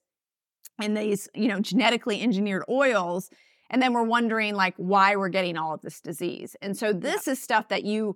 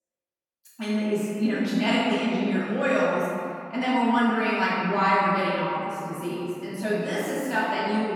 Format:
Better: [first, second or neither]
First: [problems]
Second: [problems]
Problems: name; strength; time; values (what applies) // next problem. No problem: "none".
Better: first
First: none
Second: off-mic speech; far // room echo; strong; dies away in 2.6 s